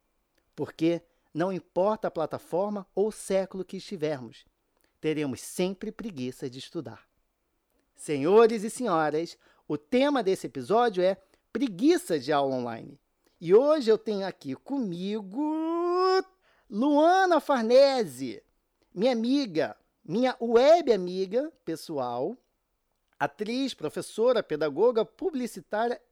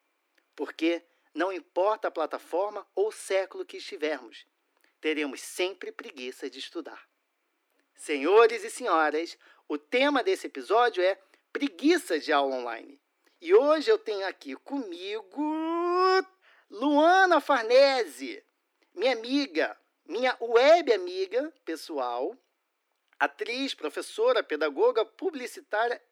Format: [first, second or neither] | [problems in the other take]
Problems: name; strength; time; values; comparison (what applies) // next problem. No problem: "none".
first | thin; very slightly; fading below 300 Hz